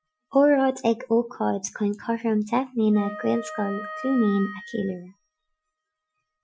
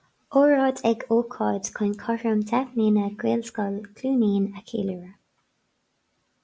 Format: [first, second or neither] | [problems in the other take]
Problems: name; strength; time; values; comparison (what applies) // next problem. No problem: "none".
second | noise reduction (classical method Wiener filter)